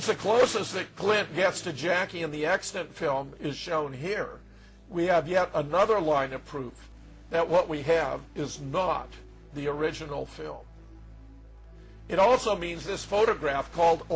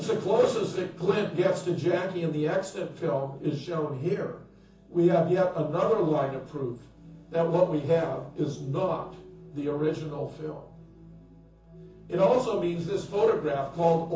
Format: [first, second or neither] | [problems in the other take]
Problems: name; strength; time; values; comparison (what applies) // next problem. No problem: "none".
first | room echo; dies away in 0.6 s